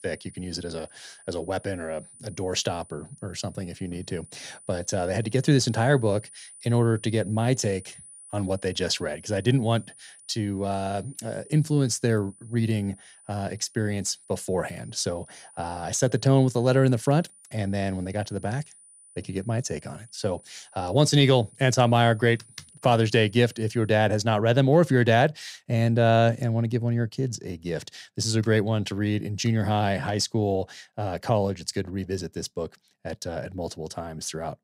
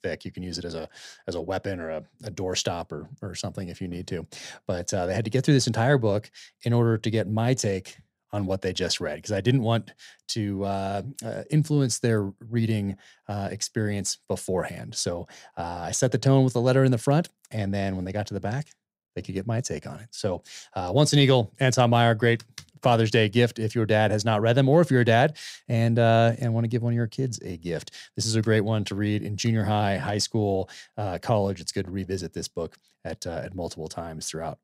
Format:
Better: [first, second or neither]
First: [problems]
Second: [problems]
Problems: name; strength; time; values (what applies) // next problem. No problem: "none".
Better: second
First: high-pitched whine; faint; until 24 s; 9.5 kHz, 25 dB below the speech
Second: none